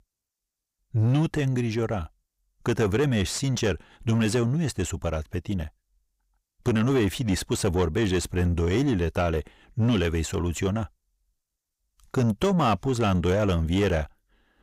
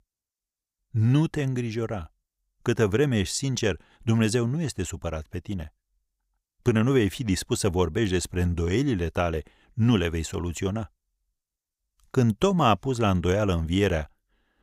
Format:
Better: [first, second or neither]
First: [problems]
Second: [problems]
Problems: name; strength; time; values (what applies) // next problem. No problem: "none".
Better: second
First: distortion; slight; 10 dB below the speech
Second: none